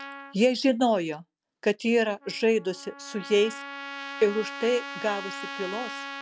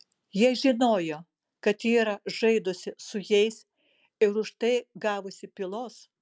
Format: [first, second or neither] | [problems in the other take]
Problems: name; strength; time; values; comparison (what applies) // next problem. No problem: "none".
second | background sound (Trumpet); 13 dB below the speech